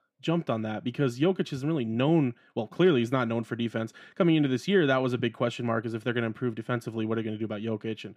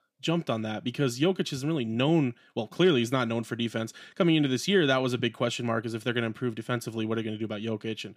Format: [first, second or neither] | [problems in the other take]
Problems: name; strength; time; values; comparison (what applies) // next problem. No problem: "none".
second | muffled; slightly; fading above 3 kHz